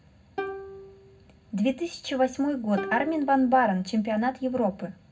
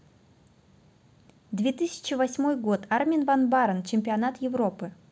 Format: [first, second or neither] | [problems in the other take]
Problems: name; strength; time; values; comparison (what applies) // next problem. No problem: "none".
second | background sound (Plucked string instrument); 14 dB below the speech // room echo; dies away in 0.4 s